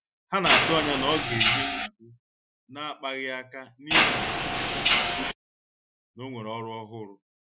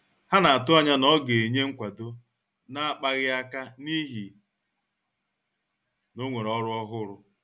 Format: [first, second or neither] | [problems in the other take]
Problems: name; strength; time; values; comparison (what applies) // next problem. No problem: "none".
second | noise reduction (classical method Wiener filter)